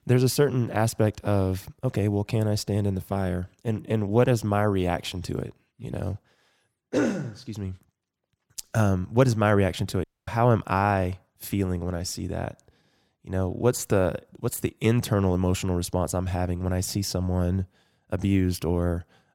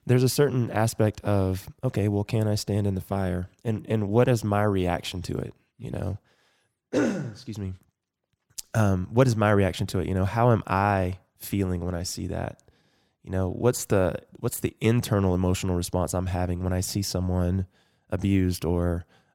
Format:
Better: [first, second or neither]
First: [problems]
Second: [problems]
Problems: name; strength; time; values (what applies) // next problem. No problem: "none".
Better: second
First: audio cutting out; at 10 s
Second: none